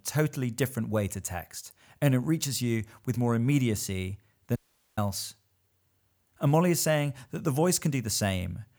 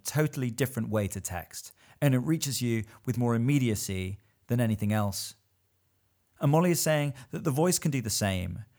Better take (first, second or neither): second